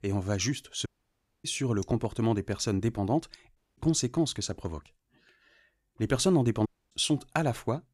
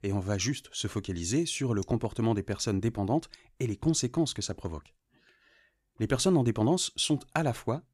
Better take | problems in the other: second | audio cutting out; at 1 s for 0.5 s, at 3.5 s and at 6.5 s

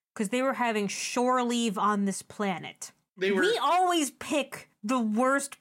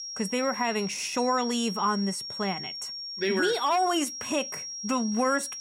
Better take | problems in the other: first | high-pitched whine; loud; throughout; 5.5 kHz, 7 dB below the speech

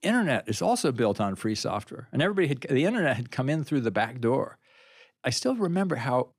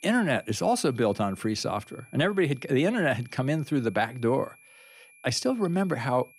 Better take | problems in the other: first | high-pitched whine; faint; throughout; 2.5 kHz, 25 dB below the speech

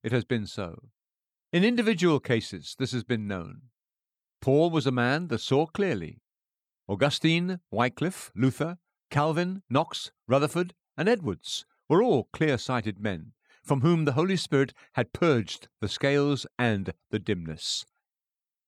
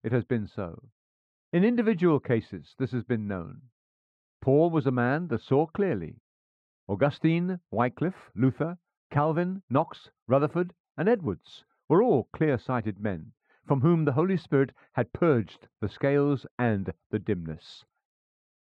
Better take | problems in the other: first | muffled; very; fading above 3.5 kHz

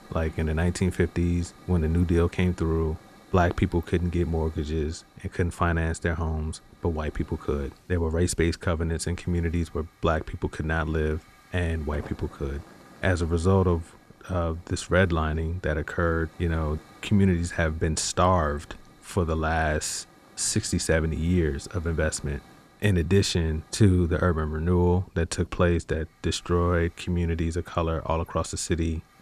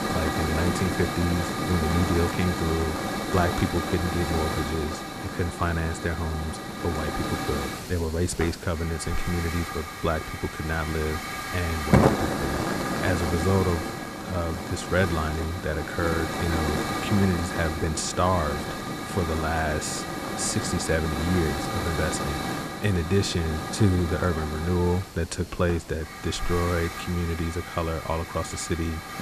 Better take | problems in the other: first | hiss; loud; throughout; 2 dB below the speech; faint in the first

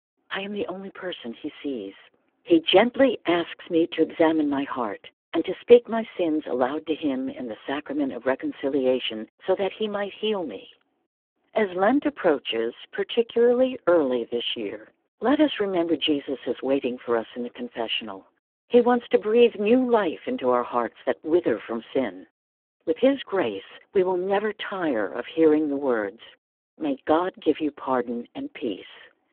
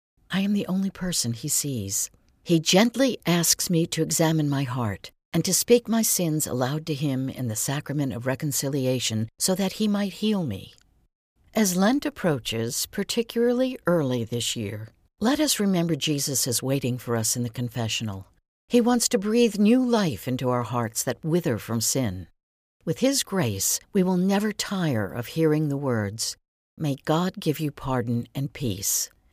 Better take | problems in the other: second | phone-call audio; poor line; nothing above 3 kHz

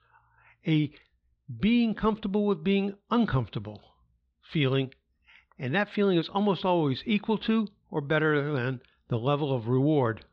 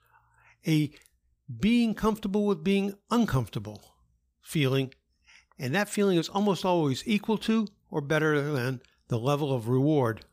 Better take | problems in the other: second | muffled; slightly; fading above 4 kHz

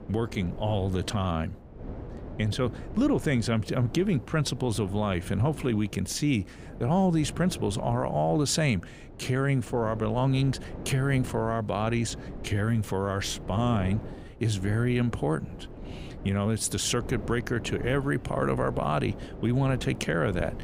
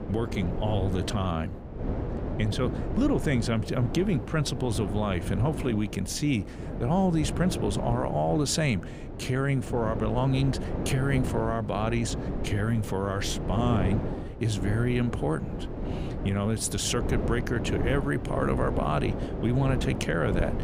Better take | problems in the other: first | wind noise on the microphone; heavy; 7 dB below the speech; occasional gusts in the first

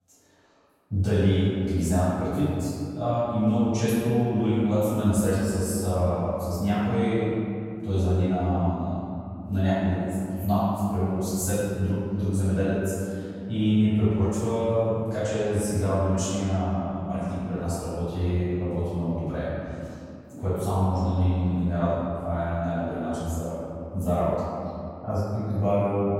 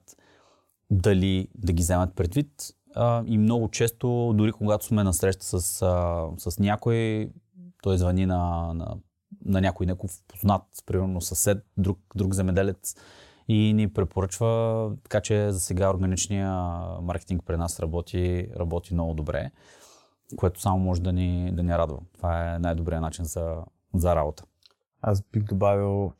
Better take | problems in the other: second | off-mic speech; far // room echo; strong; dies away in 2.4 s

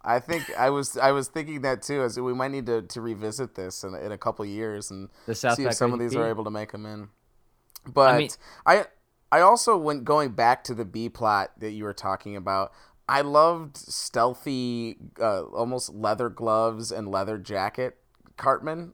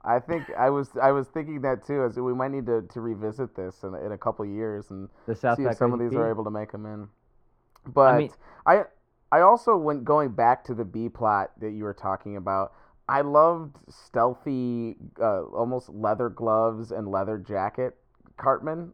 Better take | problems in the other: first | muffled; very; fading above 3 kHz

